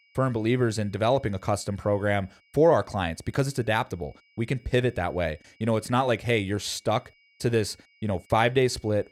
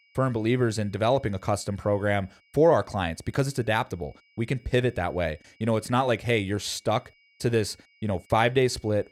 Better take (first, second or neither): neither